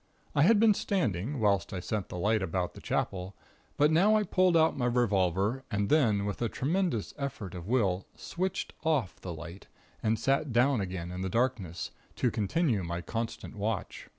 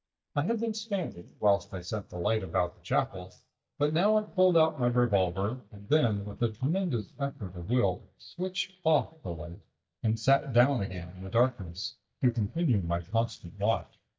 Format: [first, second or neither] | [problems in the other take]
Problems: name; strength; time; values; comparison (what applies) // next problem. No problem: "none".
first | noise reduction (neural mask model DeepFilterNet 3)